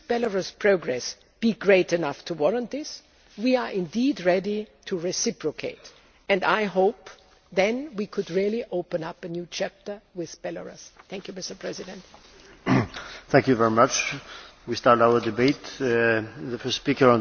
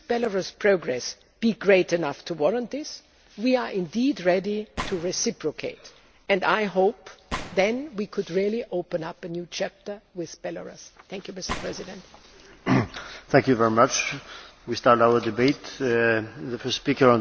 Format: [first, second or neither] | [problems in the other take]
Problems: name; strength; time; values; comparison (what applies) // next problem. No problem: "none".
first | background sound (Gunshot, gunfire); 15 dB below the speech